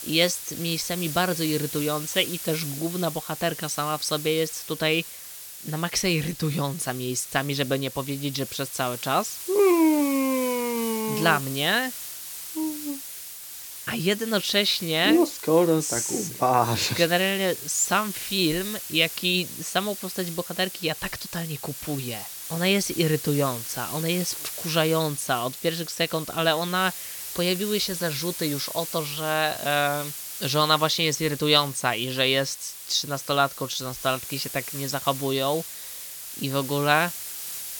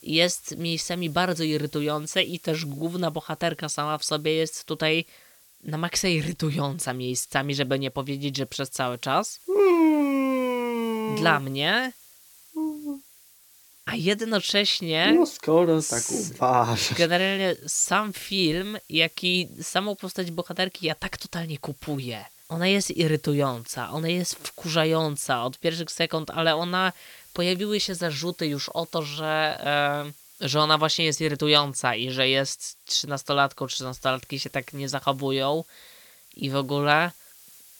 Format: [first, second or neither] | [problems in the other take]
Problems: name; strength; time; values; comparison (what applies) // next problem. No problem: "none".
second | hiss; loud; throughout; 9 dB below the speech; faint in the second